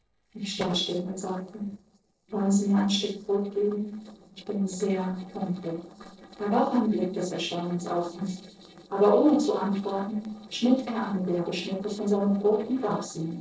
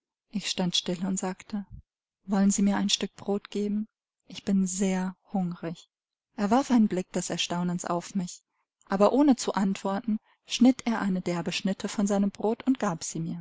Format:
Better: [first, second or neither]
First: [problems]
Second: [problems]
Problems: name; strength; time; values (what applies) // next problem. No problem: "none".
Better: second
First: noise reduction (neural separator model SepFormer DNS4)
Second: none